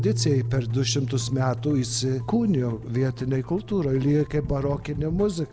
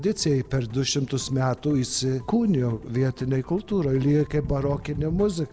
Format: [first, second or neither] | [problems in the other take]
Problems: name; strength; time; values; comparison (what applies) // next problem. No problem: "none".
second | background sound (Piano); 8 dB below the speech